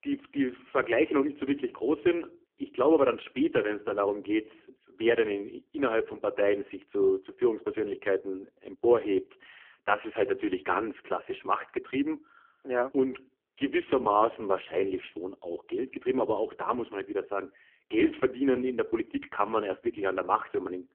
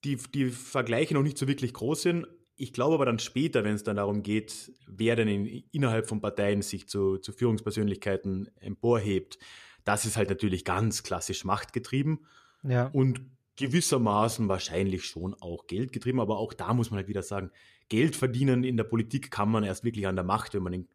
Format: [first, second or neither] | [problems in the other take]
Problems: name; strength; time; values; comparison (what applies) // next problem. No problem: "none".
second | phone-call audio; poor line; nothing above 3 kHz